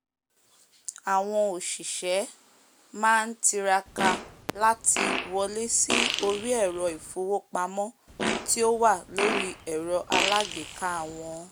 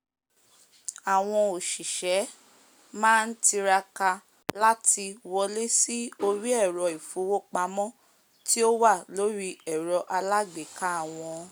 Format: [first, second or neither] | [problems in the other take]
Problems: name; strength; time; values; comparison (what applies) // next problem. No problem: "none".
second | background sound (Fart); 4 dB below the speech